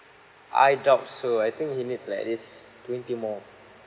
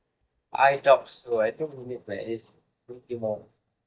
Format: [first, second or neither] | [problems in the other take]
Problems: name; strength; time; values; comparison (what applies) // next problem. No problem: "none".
first | noise reduction (neural mask model DeepFilterNet 3)